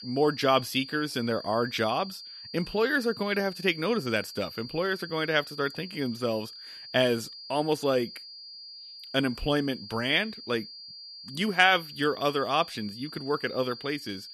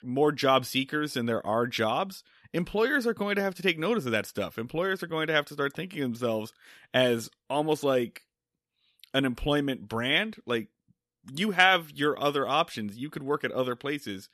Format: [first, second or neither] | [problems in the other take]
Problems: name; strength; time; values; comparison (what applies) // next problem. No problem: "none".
second | high-pitched whine; noticeable; throughout; 4.5 kHz, 15 dB below the speech